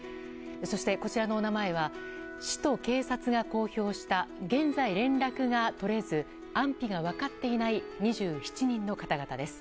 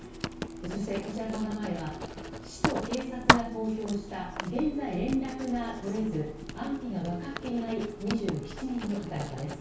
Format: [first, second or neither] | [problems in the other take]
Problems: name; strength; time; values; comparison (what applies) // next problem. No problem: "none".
first | background sound (Writing); 2 dB below the speech // room echo; dies away in 0.6 s